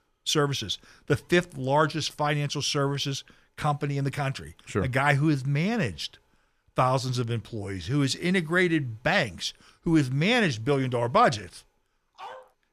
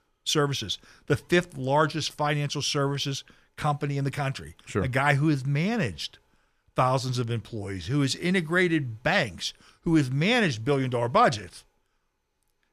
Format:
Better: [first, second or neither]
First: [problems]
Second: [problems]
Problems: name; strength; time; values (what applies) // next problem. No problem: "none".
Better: second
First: dog barking; faint; at 12 s; peak 15 dB below the speech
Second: none